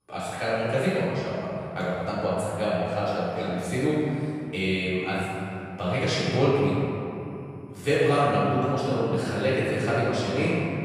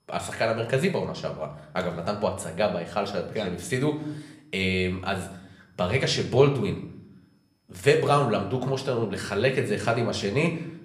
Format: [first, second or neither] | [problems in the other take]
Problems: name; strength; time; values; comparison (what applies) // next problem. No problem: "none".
second | room echo; strong; dies away in 2.7 s; slight in the second // off-mic speech; far; somewhat distant in the second